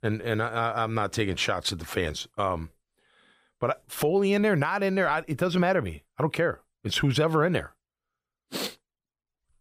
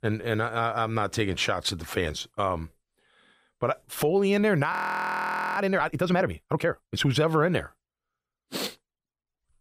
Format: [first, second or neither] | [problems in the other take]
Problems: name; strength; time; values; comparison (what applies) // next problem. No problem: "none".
first | audio freezing; at 4.5 s for 1 s